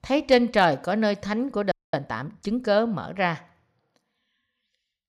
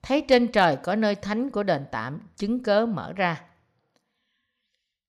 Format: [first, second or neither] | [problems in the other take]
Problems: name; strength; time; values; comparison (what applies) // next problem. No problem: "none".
second | audio freezing; at 1.5 s